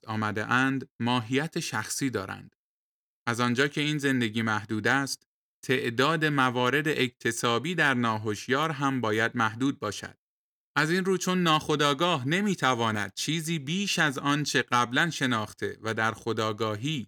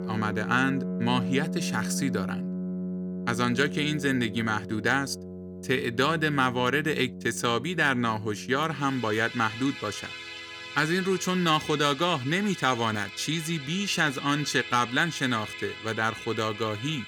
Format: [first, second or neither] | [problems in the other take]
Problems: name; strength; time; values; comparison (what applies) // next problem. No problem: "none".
first | background music; loud; throughout; 9 dB below the speech